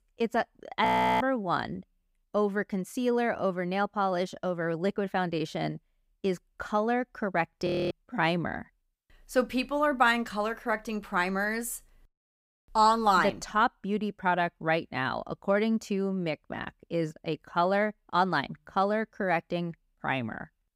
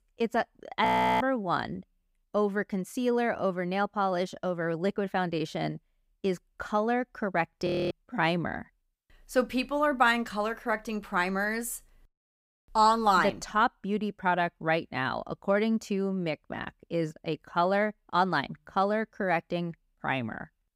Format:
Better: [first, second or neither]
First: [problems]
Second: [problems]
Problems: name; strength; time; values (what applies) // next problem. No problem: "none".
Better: neither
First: audio freezing; at 1 s and at 7.5 s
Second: audio freezing; at 1 s and at 7.5 s